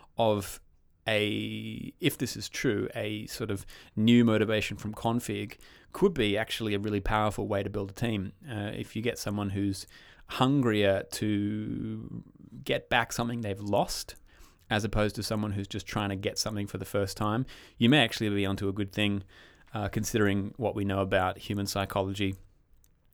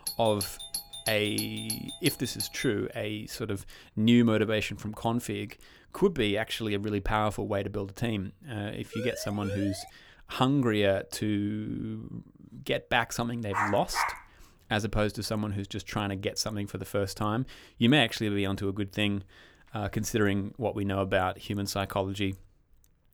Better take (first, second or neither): first